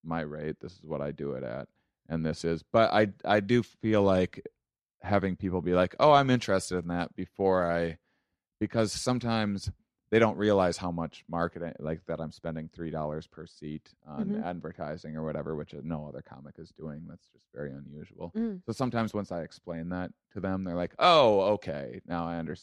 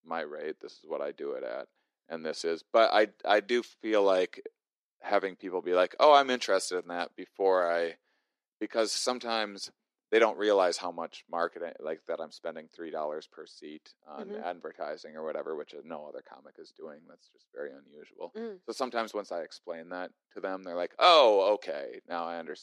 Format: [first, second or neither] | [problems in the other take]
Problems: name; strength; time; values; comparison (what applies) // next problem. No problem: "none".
first | thin; somewhat; fading below 350 Hz